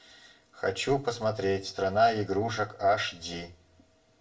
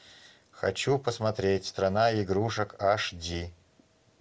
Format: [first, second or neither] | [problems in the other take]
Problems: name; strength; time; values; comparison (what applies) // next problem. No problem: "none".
second | room echo; dies away in 0.3 s